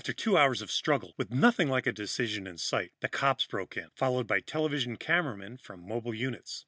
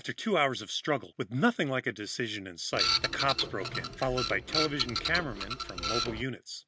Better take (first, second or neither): first